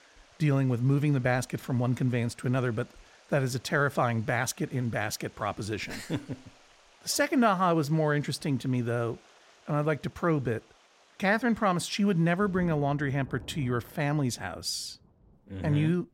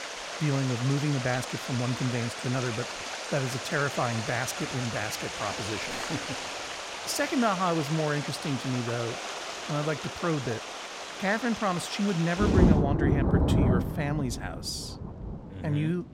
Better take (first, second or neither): first